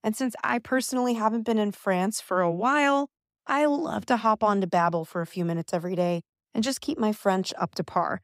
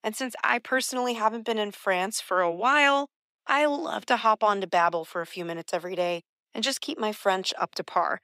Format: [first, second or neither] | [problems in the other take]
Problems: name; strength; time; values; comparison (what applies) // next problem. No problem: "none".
first | thin; somewhat; fading below 350 Hz